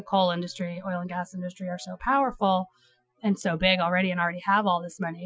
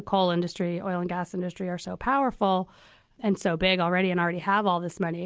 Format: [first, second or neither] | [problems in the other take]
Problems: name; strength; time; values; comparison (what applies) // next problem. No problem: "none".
second | noise reduction (classical method Wiener filter)